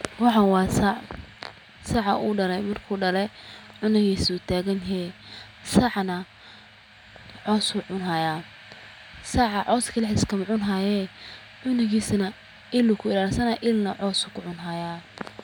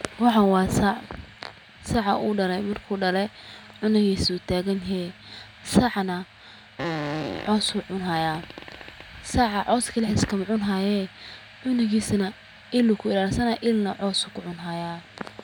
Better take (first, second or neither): first